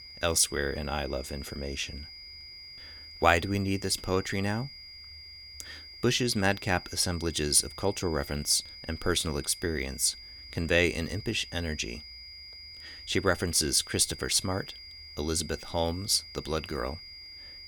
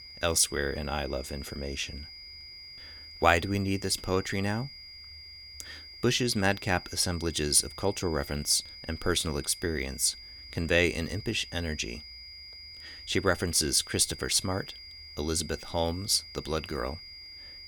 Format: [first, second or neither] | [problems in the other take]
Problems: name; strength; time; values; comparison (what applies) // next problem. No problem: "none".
neither | high-pitched whine; noticeable; throughout; 5 kHz, 15 dB below the speech; the same in both